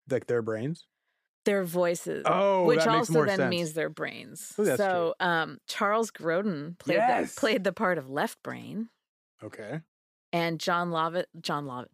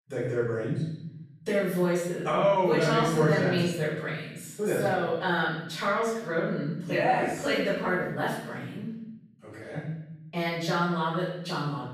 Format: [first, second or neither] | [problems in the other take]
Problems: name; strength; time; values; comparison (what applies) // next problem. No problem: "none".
first | room echo; noticeable; dies away in 0.9 s // off-mic speech; far